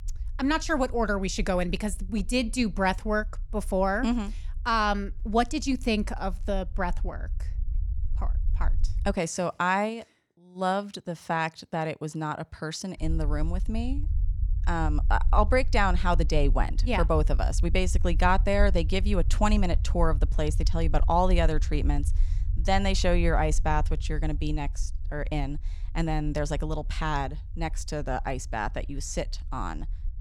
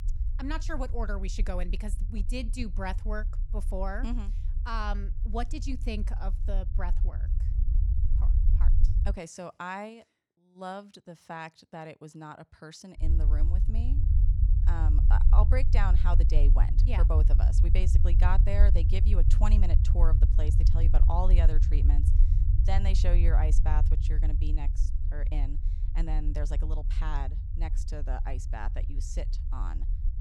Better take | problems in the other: first | low rumble; loud; until 9 s and from 13 s on; 8 dB below the speech; faint in the first

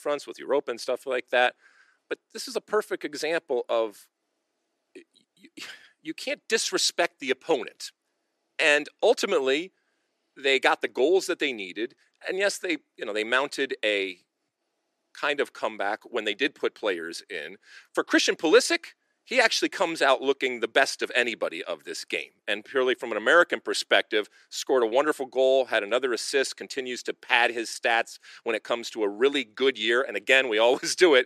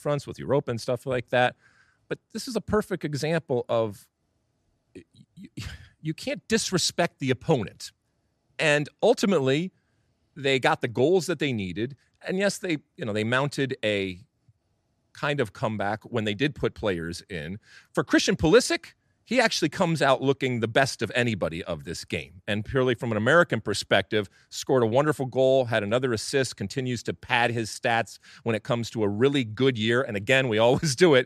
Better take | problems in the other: second | thin; somewhat; fading below 350 Hz

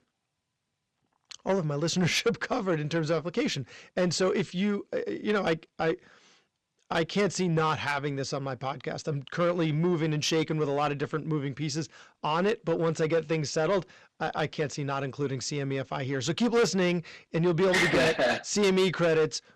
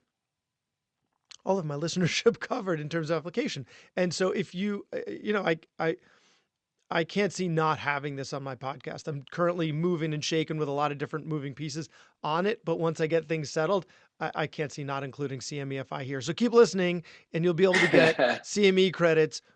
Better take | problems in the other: second | distortion; heavy; 8 dB below the speech

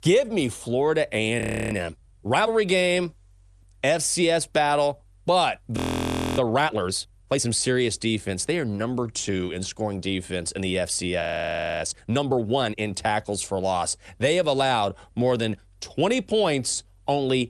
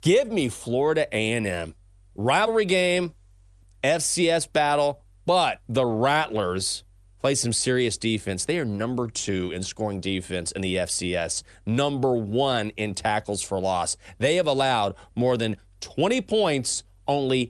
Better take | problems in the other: second | audio freezing; at 1.5 s, at 6 s for 0.5 s and at 11 s for 0.5 s

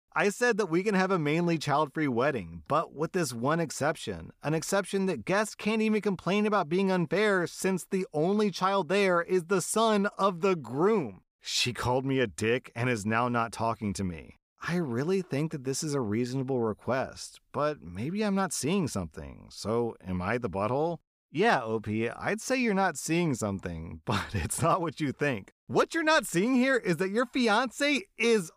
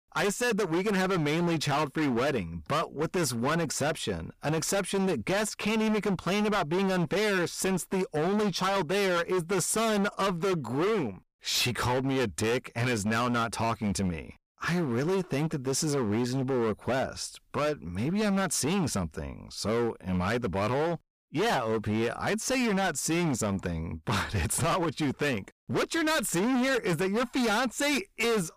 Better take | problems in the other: first | distortion; heavy; 26% of the sound clipped

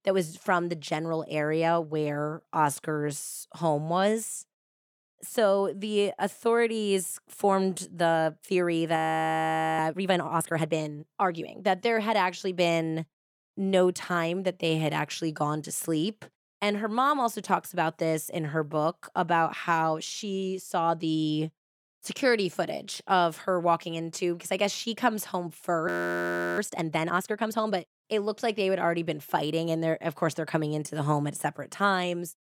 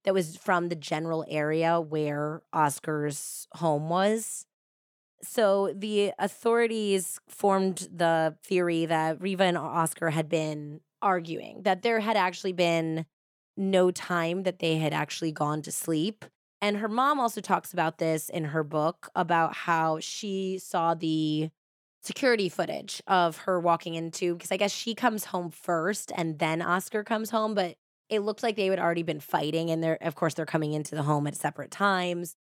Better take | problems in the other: second | audio freezing; at 9 s for 1 s and at 26 s for 0.5 s

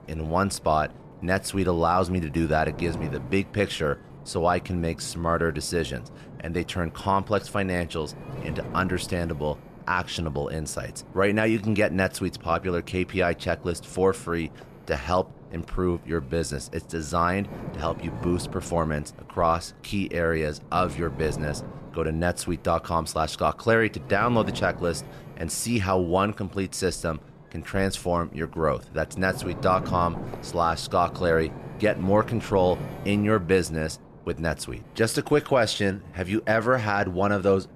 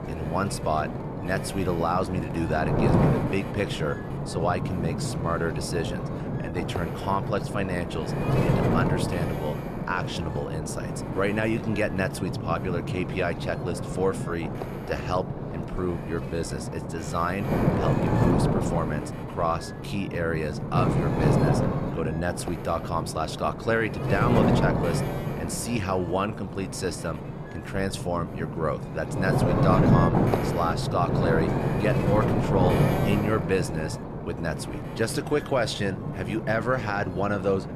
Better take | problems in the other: first | wind noise on the microphone; heavy; 3 dB below the speech; occasional gusts in the first

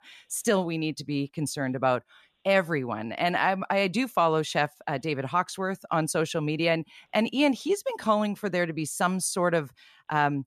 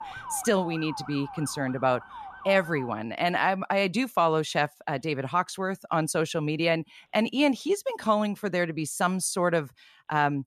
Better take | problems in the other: first | siren; faint; until 3 s; peak 10 dB below the speech

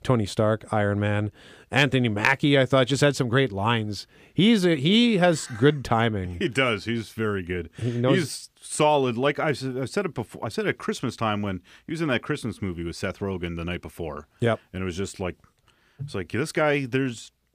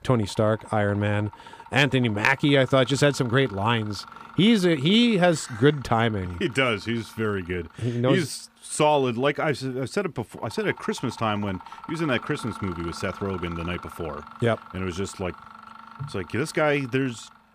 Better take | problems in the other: first | machinery noise; noticeable; throughout; 20 dB below the speech

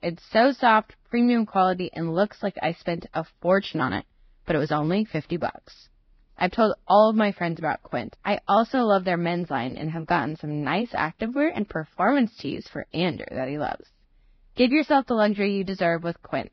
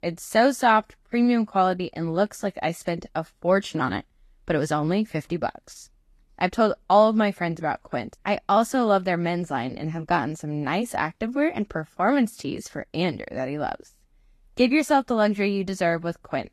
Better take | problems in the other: second | garbled, watery; badly; nothing above 5 kHz; slightly in the second

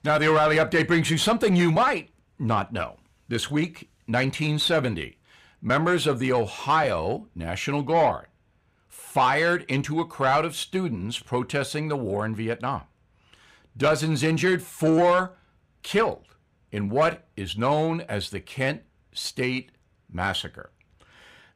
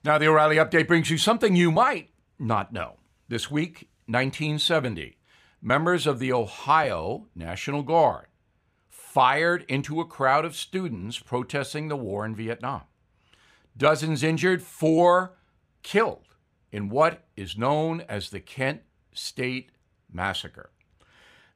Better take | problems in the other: second | distortion; slight; 10 dB below the speech

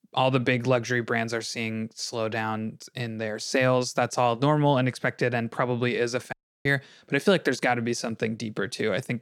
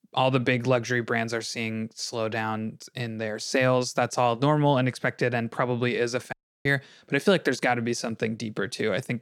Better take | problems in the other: neither | audio cutting out; at 6.5 s; the same in both

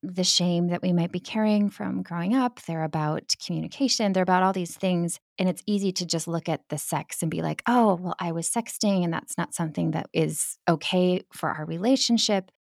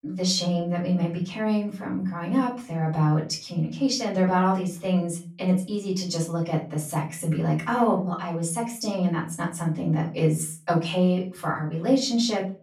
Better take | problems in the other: first | room echo; slight; dies away in 0.4 s // off-mic speech; far

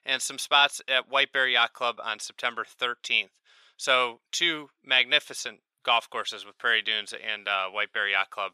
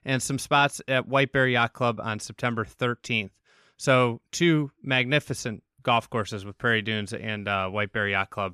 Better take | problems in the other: second | thin; very; fading below 650 Hz

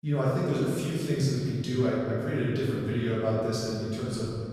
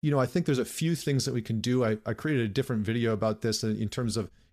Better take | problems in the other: second | room echo; strong; dies away in 2 s // off-mic speech; far

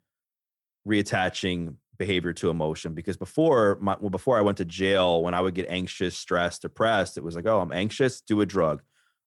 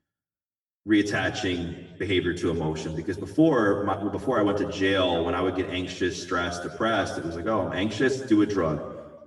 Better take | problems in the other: first | room echo; slight; dies away in 1.1 s // off-mic speech; far

